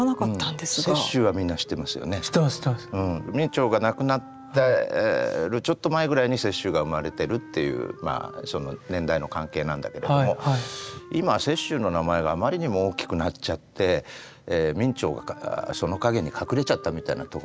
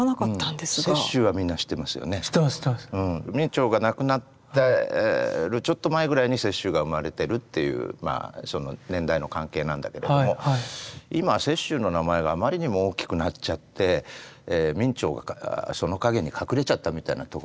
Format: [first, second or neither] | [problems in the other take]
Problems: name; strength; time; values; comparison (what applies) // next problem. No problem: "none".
second | background sound (Wind instrument, woodwind instrument); 19 dB below the speech